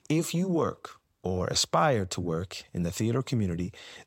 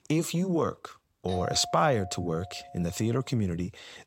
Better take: first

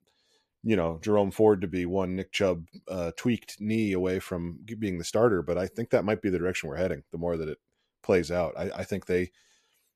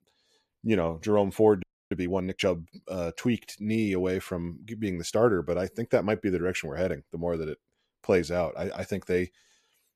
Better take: first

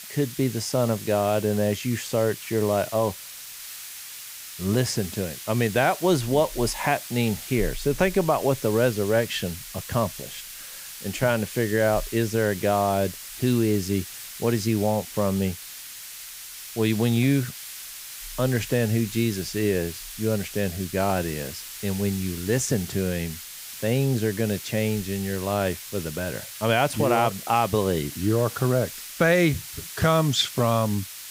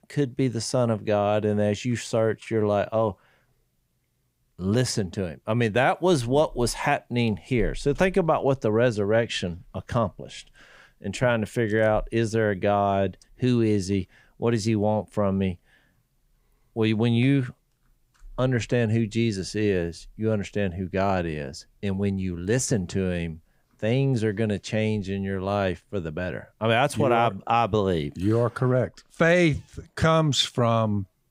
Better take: second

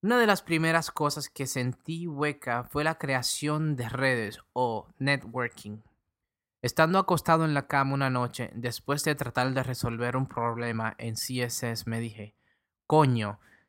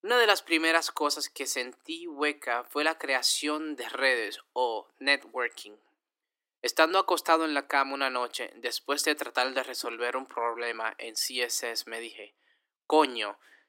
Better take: first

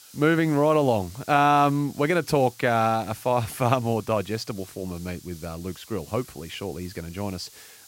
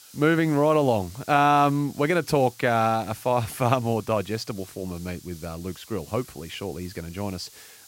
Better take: neither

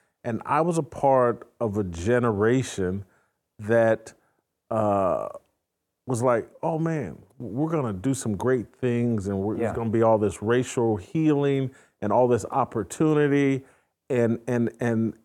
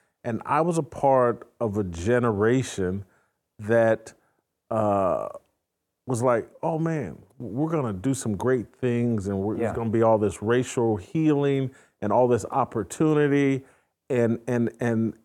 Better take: neither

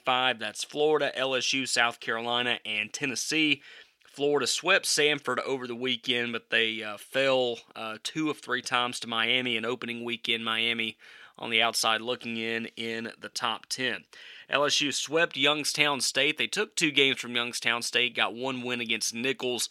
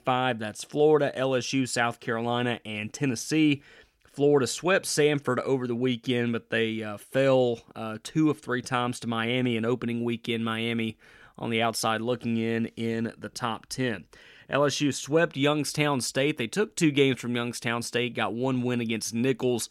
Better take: second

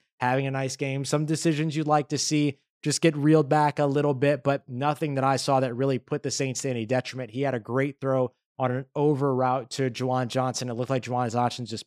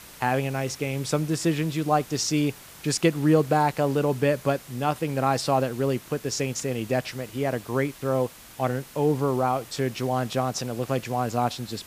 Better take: first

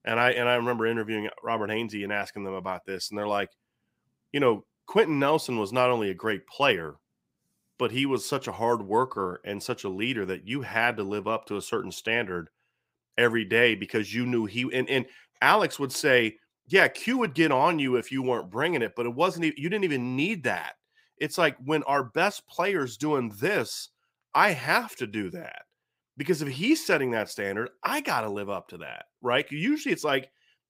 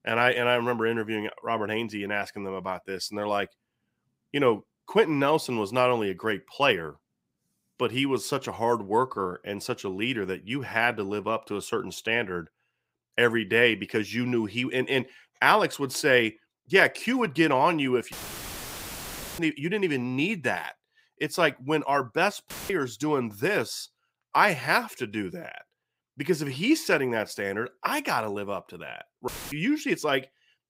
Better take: first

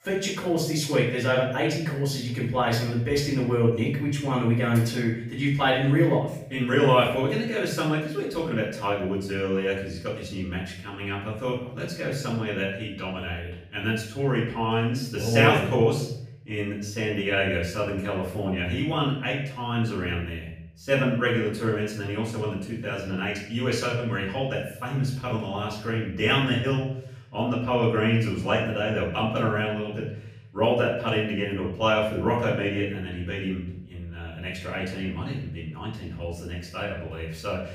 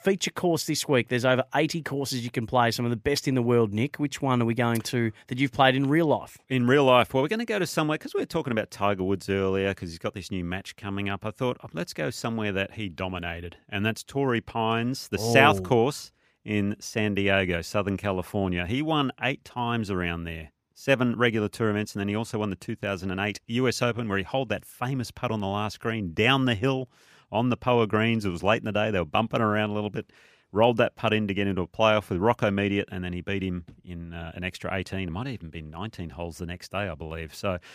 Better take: second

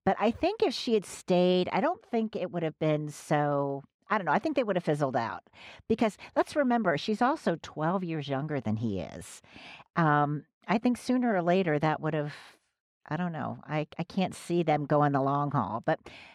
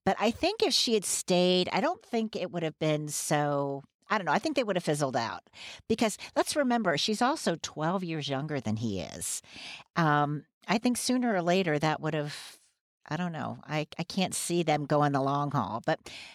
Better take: second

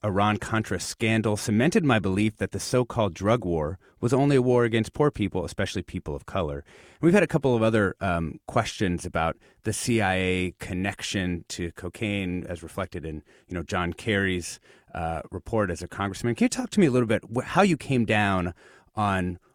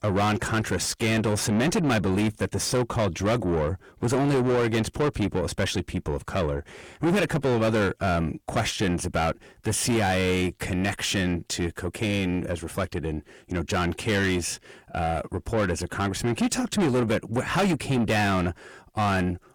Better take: first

